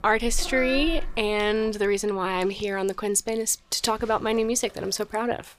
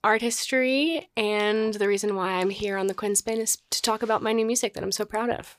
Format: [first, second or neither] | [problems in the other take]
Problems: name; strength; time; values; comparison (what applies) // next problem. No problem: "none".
second | animal sounds; noticeable; throughout; 15 dB below the speech